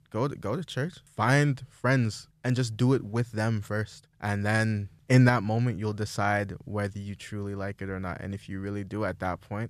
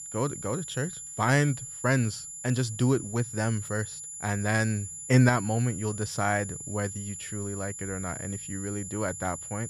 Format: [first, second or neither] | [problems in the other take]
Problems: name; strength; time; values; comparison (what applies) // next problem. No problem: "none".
first | high-pitched whine; loud; throughout; 7 kHz, 8 dB below the speech